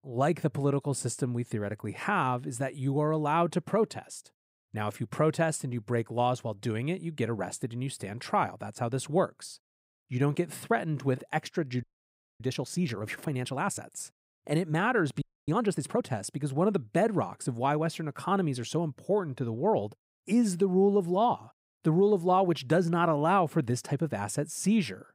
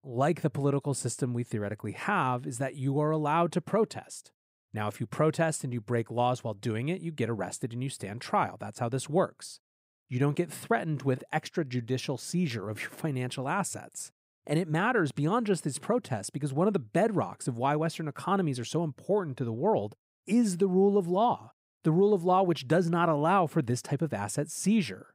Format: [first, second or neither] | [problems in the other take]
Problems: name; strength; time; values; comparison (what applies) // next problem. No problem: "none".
second | audio freezing; at 12 s for 0.5 s and at 15 s